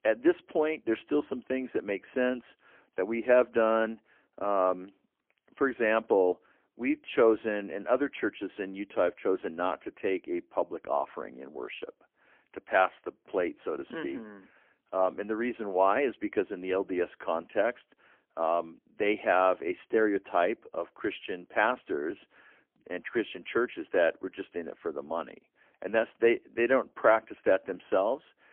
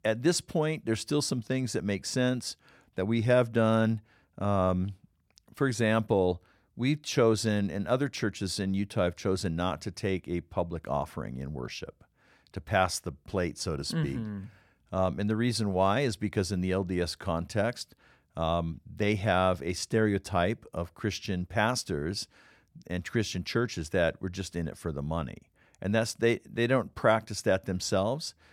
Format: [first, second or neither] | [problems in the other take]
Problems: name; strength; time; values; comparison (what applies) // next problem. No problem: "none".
second | phone-call audio; poor line; nothing above 3 kHz